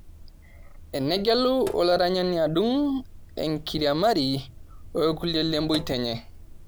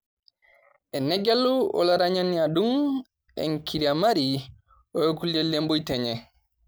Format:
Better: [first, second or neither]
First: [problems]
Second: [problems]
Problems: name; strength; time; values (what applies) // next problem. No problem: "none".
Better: second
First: background sound (Sink (filling or washing)); 16 dB below the speech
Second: none